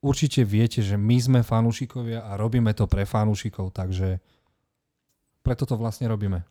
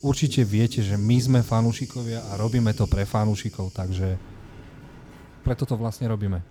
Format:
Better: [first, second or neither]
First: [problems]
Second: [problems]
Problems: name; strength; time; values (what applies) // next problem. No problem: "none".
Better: first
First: none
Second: rain or running water; noticeable; throughout; 15 dB below the speech